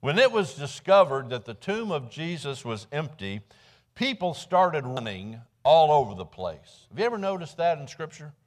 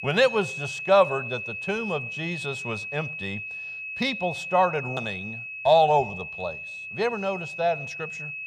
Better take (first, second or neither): first